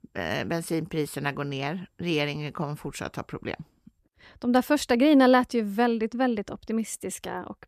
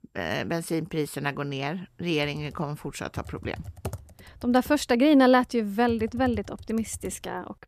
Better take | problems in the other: first | keyboard typing; faint; from 2 to 7 s; peak 10 dB below the speech

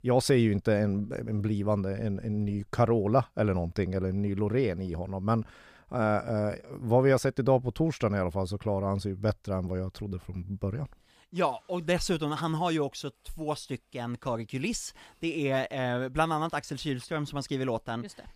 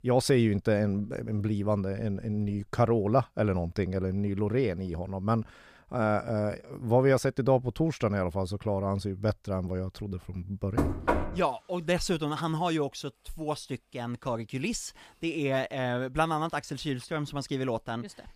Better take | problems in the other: first | door banging; loud; at 11 s; peak 1 dB above the speech

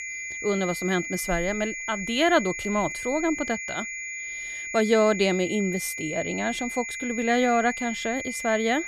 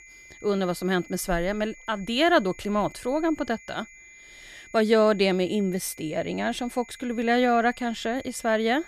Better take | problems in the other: second | high-pitched whine; loud; throughout; 2 kHz, 6 dB below the speech; faint in the second

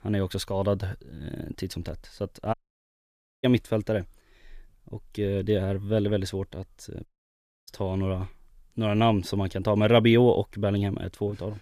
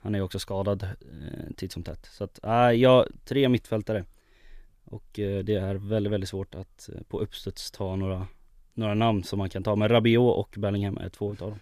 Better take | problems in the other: second | audio cutting out; at 2.5 s for 1 s and at 7 s for 0.5 s

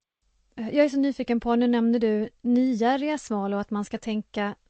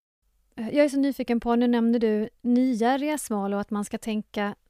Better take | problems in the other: second | garbled, watery; slightly; nothing above 8 kHz

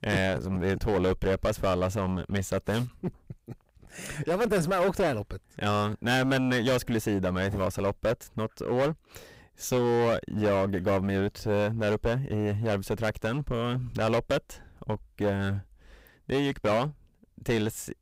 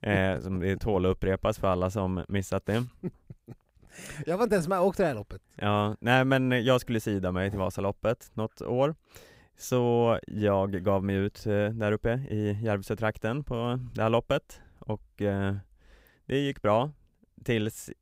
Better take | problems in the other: second | distortion; heavy; 12% of the sound clipped

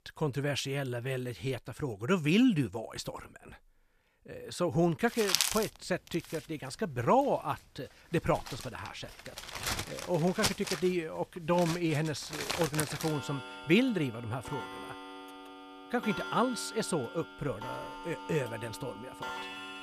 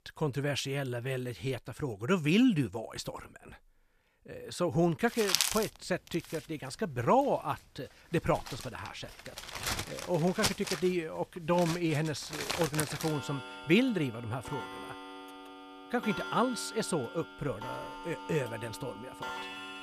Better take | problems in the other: neither | household noises; loud; from 5 s on; 6 dB below the speech; the same in both

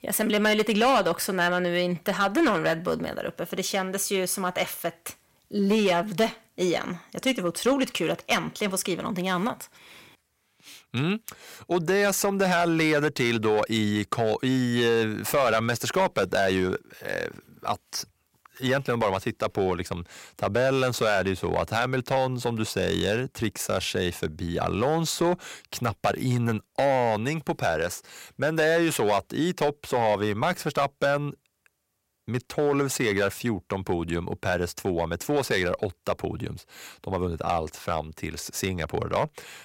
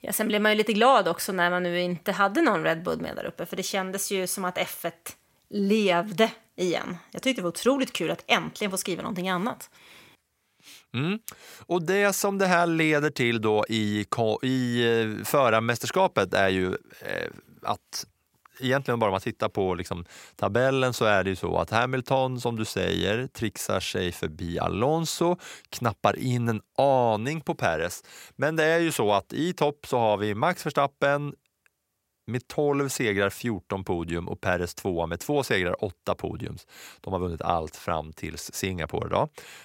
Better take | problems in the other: second | distortion; slight; 4% of the sound clipped

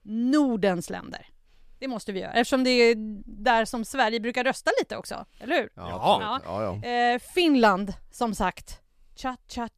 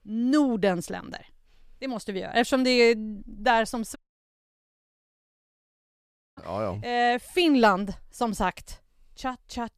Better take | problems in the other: first | audio cutting out; at 4 s for 2.5 s

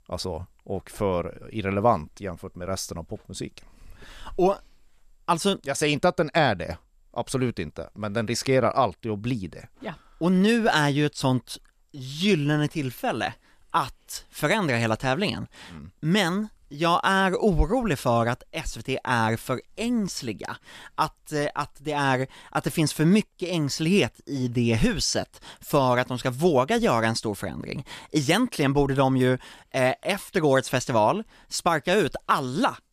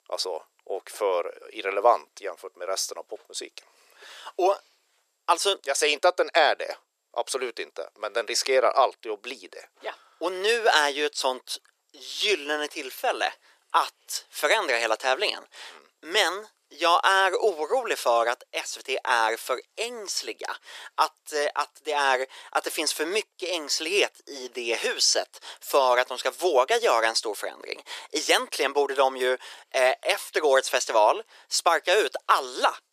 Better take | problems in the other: first | thin; very; fading below 400 Hz

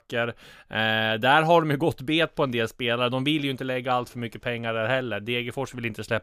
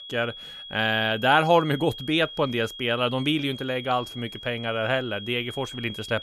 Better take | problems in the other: first | high-pitched whine; noticeable; throughout; 3.5 kHz, 15 dB below the speech

